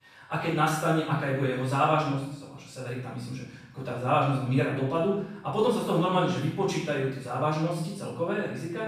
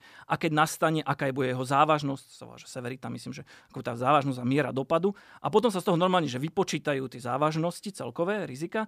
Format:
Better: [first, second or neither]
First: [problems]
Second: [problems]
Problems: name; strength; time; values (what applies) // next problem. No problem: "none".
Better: second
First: room echo; noticeable; dies away in 0.8 s // off-mic speech; far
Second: none